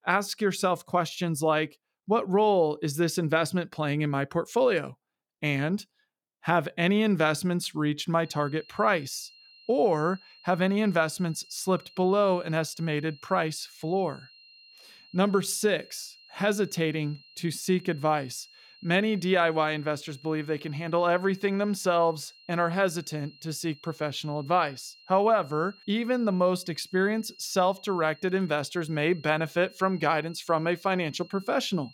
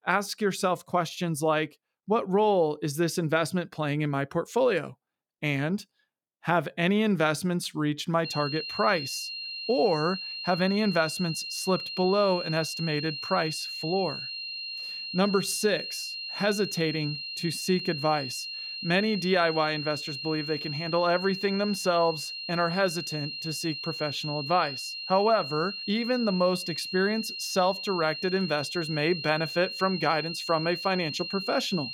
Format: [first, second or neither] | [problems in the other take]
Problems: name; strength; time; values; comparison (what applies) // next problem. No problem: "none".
first | high-pitched whine; loud; from 8.5 s on; 4 kHz, 6 dB below the speech; faint in the first